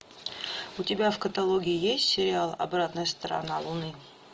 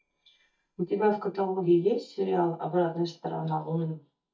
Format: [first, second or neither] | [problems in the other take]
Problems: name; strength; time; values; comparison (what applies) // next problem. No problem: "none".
first | noise reduction (neural mask model DeepFilterNet 3)